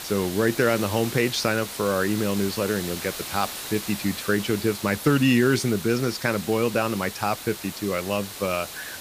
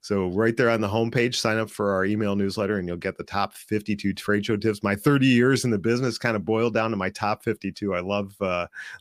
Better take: second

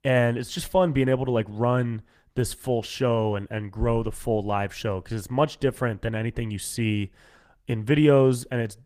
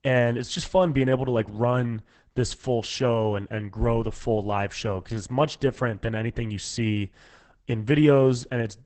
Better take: first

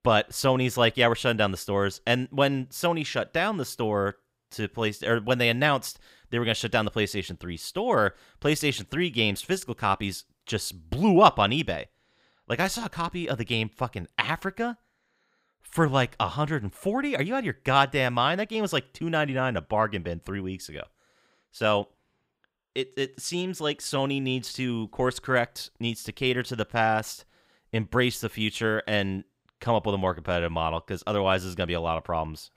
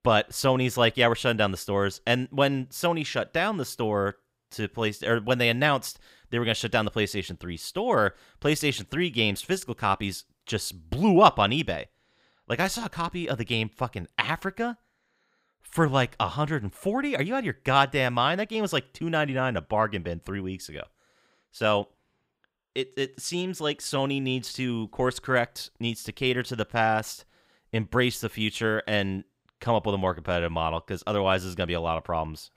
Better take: neither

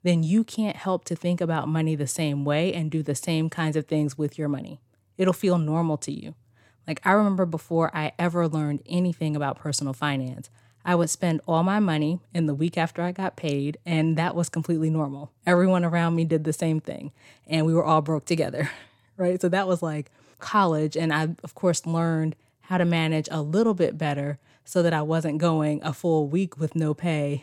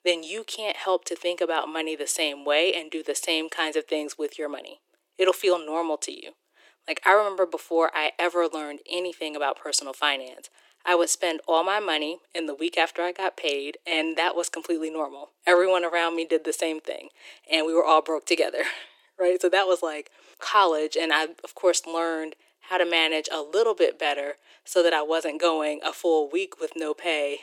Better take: first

